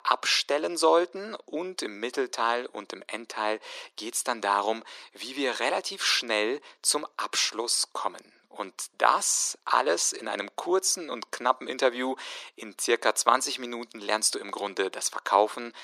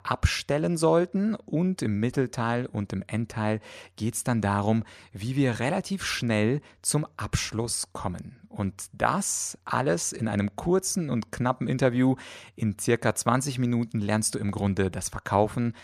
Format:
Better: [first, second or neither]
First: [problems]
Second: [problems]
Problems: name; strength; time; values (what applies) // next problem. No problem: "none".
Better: second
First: thin; very; fading below 350 Hz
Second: none